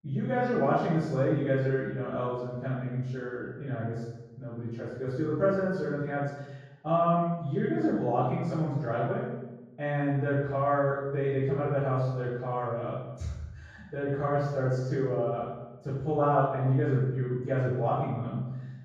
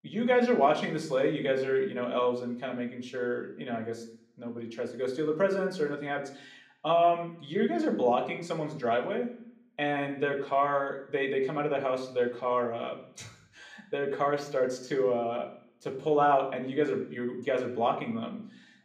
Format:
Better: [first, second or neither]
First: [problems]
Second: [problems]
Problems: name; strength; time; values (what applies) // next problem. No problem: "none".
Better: second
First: room echo; strong; dies away in 1.3 s // off-mic speech; far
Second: room echo; slight; dies away in 0.6 s // off-mic speech; somewhat distant